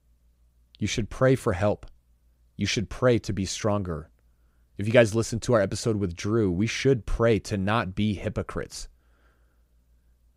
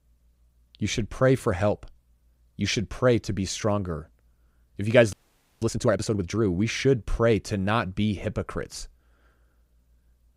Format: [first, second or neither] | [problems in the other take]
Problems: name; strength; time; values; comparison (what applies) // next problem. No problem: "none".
first | audio freezing; at 5 s